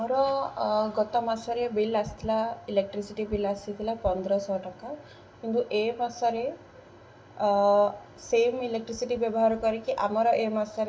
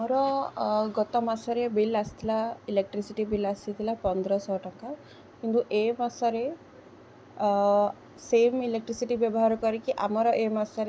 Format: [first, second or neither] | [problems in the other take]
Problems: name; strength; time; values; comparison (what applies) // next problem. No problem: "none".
second | room echo; dies away in 0.6 s